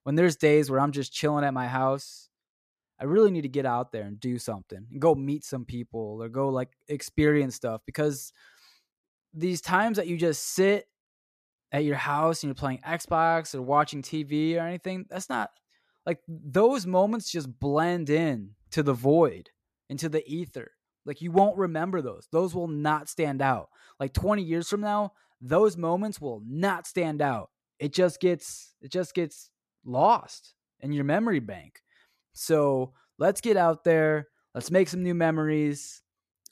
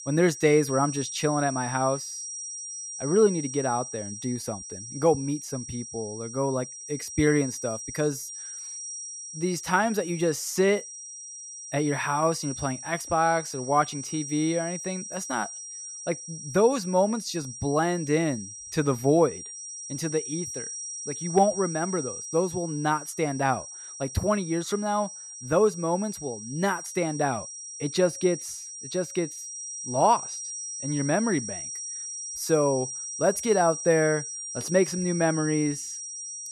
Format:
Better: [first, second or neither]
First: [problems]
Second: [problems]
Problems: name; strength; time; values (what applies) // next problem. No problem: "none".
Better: first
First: none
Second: high-pitched whine; loud; throughout; 5.5 kHz, 8 dB below the speech